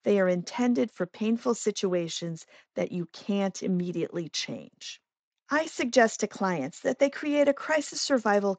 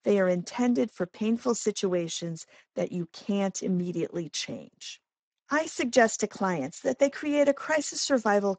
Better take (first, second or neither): first